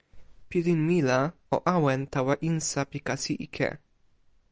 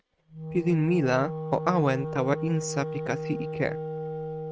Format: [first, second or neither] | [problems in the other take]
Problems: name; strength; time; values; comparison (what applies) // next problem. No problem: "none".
first | noise reduction (neural mask model RNNoise)